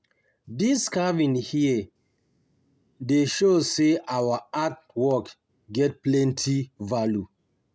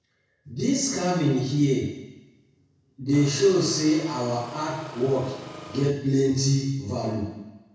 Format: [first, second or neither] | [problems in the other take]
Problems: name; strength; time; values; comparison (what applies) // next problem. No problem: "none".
first | background sound (Engine); 15 dB below the speech // room echo; dies away in 1 s